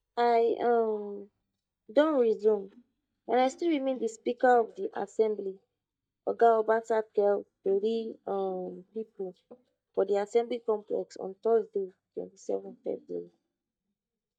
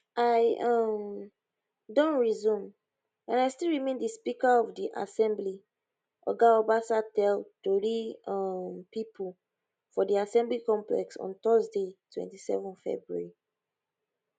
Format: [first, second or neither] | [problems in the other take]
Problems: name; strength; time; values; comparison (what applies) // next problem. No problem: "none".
second | noise reduction (neural mask model DeepFilterNet 3)